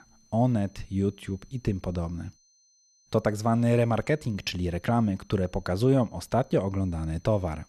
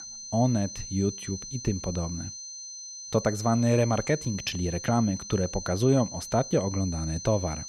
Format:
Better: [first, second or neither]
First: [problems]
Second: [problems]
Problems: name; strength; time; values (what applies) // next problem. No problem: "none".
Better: first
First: high-pitched whine; faint; throughout; 6 kHz, 35 dB below the speech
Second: high-pitched whine; loud; throughout; 6 kHz, 10 dB below the speech